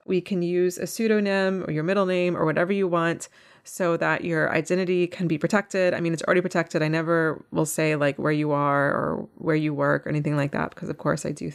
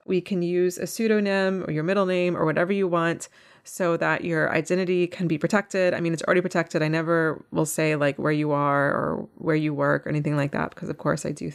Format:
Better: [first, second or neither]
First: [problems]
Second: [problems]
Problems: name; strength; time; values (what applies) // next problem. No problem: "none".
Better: neither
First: none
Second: none